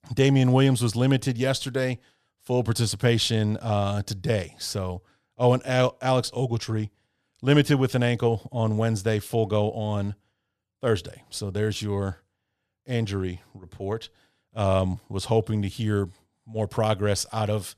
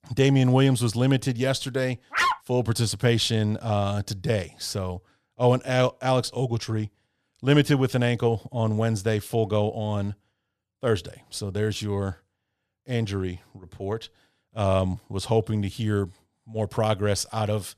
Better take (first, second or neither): first